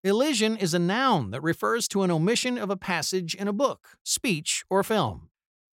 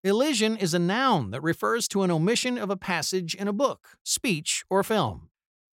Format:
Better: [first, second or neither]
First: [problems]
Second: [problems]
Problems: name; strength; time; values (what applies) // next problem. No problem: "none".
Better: neither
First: none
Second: none